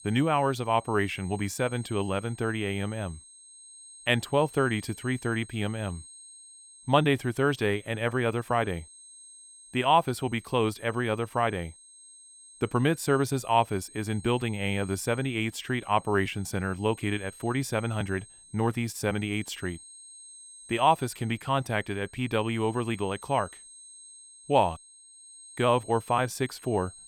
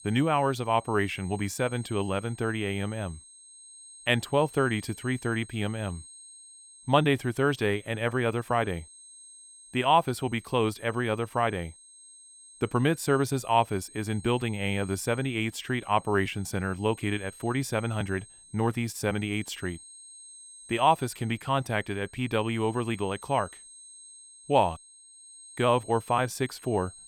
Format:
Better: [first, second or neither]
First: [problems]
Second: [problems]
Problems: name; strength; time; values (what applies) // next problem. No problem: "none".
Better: neither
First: high-pitched whine; noticeable; throughout; 8.5 kHz, 20 dB below the speech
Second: high-pitched whine; noticeable; throughout; 8.5 kHz, 20 dB below the speech